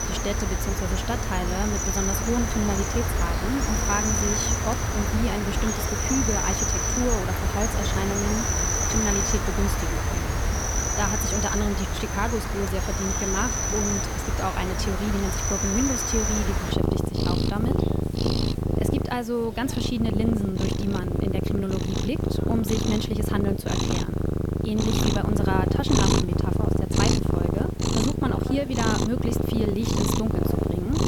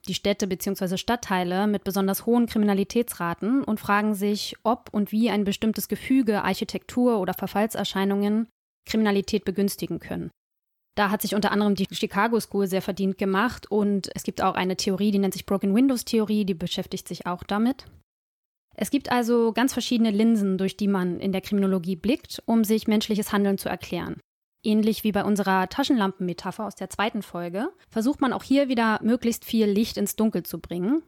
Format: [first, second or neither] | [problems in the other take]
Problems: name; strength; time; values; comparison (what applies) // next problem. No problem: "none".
second | animal sounds; very loud; throughout; 4 dB above the speech